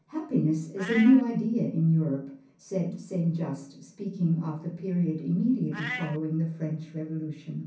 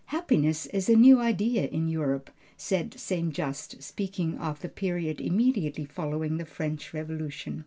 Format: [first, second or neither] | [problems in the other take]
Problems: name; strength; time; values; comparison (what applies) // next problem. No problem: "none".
second | background sound (Meow); 17 dB below the speech // room echo; dies away in 0.6 s